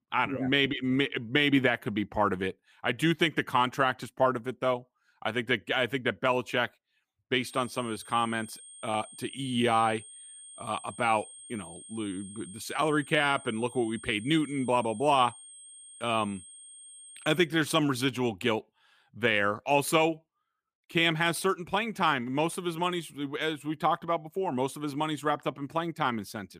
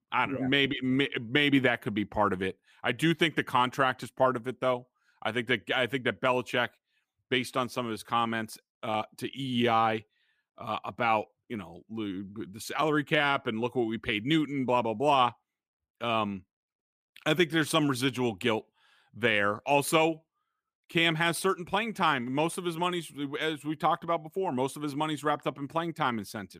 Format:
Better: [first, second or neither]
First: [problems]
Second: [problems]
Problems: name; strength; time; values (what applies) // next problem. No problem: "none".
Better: second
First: high-pitched whine; noticeable; from 7.5 to 17 s; 8.5 kHz, 15 dB below the speech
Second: none